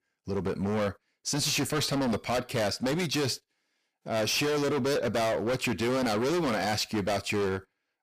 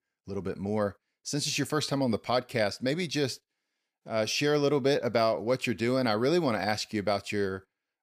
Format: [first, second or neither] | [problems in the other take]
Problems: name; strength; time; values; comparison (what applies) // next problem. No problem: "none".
second | distortion; heavy; 27% of the sound clipped